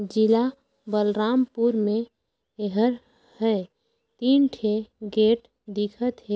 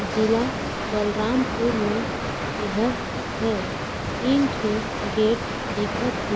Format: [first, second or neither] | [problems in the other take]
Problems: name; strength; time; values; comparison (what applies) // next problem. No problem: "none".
first | background sound (Water); 2 dB below the speech